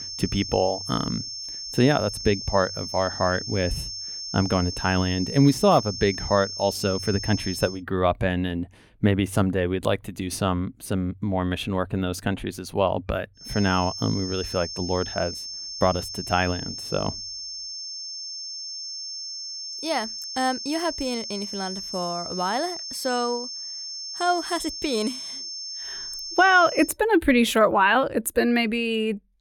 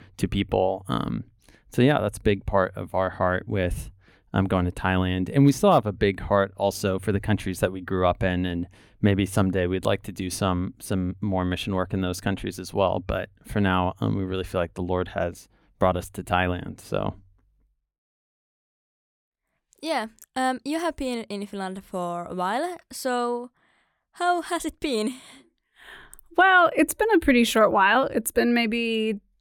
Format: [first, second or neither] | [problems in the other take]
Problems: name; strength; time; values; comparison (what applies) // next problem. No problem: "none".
second | high-pitched whine; loud; until 7.5 s and from 13 to 27 s; 5.5 kHz, 7 dB below the speech